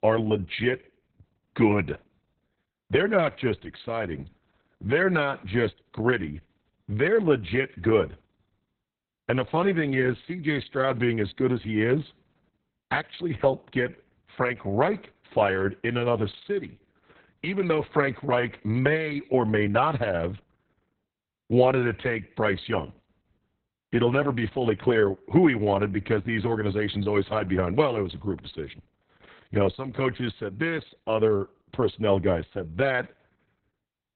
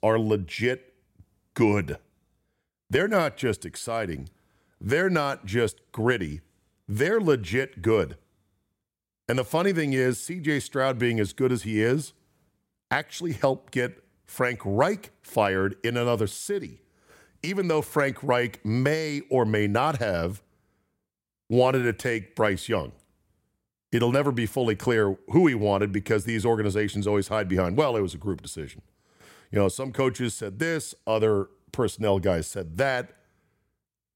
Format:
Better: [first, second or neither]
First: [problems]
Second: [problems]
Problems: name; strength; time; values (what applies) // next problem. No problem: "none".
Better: second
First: garbled, watery; badly; nothing above 4 kHz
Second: none